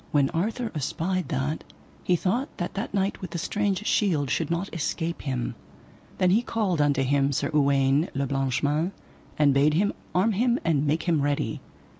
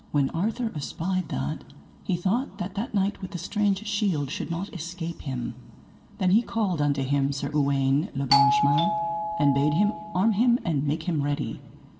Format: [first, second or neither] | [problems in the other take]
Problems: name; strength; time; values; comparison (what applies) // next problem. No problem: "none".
first | background sound (Doorbell); as loud as the speech // room echo; dies away in 1.9 s